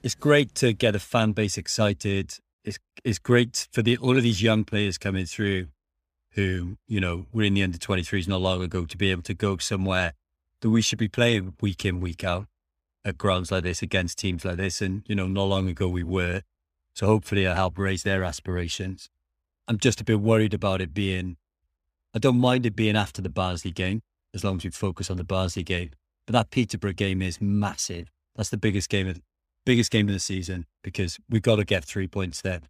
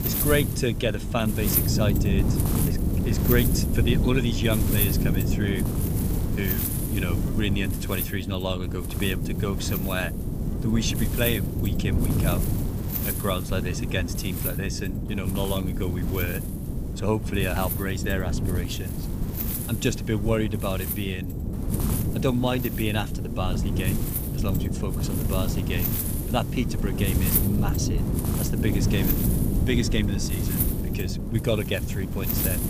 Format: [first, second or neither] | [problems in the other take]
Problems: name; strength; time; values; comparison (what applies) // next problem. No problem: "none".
first | wind noise on the microphone; heavy; 4 dB below the speech